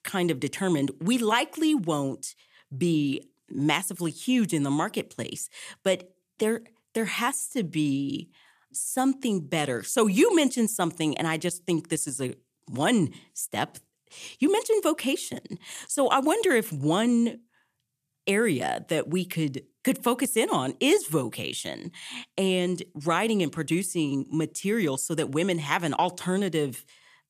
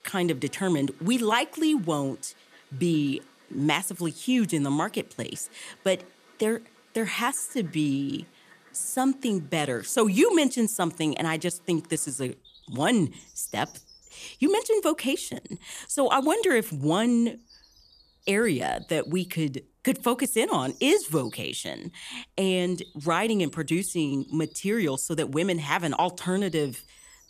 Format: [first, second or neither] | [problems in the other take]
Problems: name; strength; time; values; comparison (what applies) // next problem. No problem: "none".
first | animal sounds; faint; throughout; 25 dB below the speech